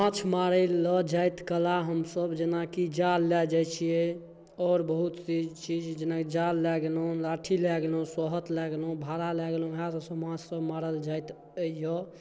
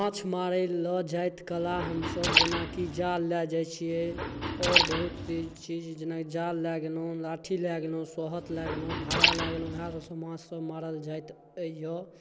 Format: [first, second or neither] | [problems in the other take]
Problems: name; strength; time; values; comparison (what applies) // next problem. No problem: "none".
first | background sound (Liquid); 2 dB above the speech